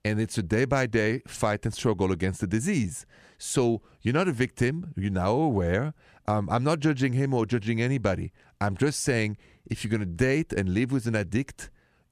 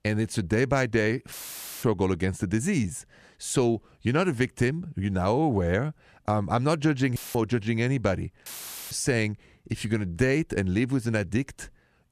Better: first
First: none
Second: audio cutting out; filled with static; at 1.5 s for 0.5 s, at 7 s and at 8.5 s

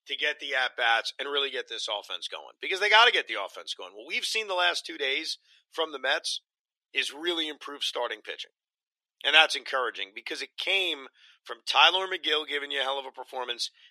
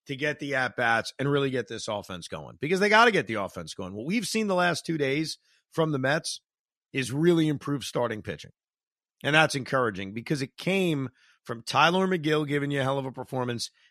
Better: second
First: thin; very; fading below 400 Hz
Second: none

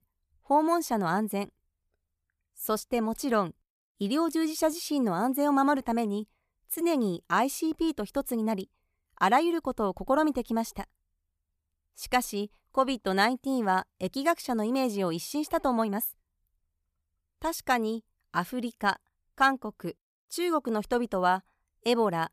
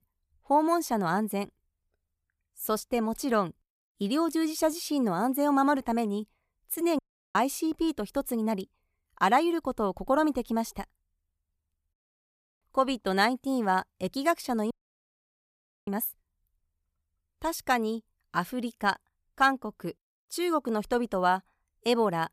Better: first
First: none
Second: audio cutting out; at 7 s, at 12 s for 0.5 s and at 15 s for 1 s

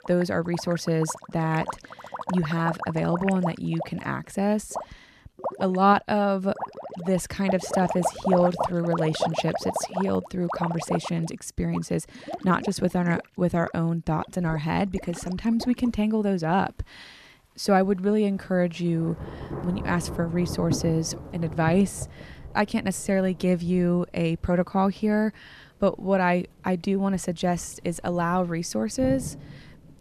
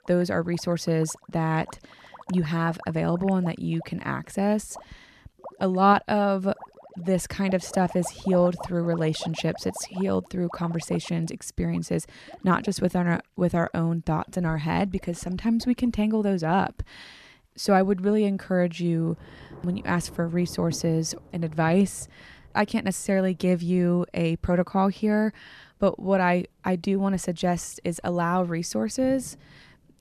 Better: second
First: rain or running water; loud; throughout; 9 dB below the speech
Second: rain or running water; faint; throughout; 20 dB below the speech

